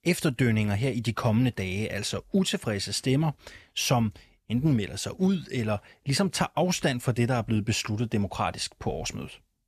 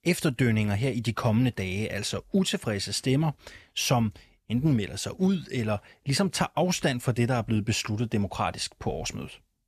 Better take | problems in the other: neither | none

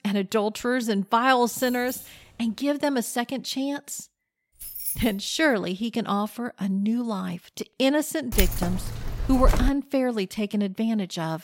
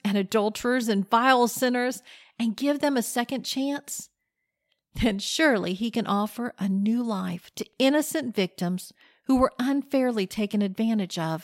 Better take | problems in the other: second | jangling keys; faint; from 1.5 to 2.5 s; peak 10 dB below the speech // jangling keys; noticeable; at 4.5 s; peak 4 dB below the speech // jangling keys; loud; from 8.5 to 9.5 s; peak level with the speech

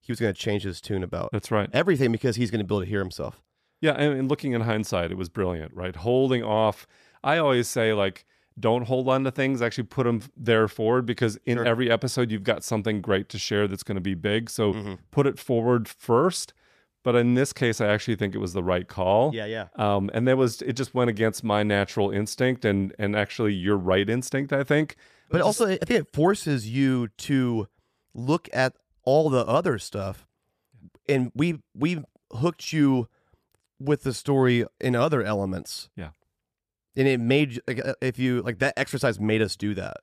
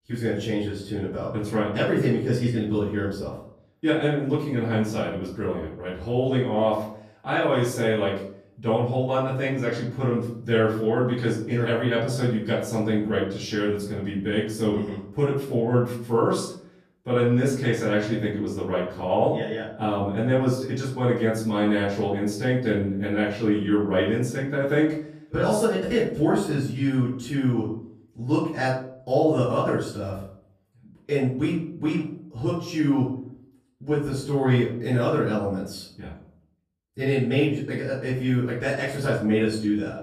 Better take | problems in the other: first | room echo; noticeable; dies away in 0.5 s // off-mic speech; far

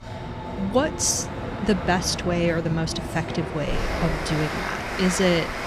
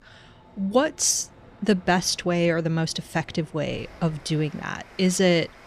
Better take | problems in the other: second | train or aircraft noise; loud; throughout; 5 dB below the speech; faint in the second

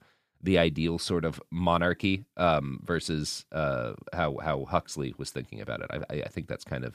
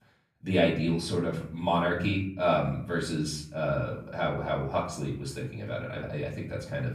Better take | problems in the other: first | off-mic speech; far // room echo; slight; dies away in 0.5 s

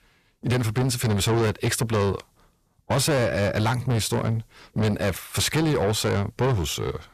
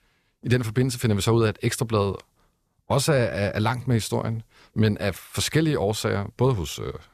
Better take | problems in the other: second | distortion; heavy; 7 dB below the speech

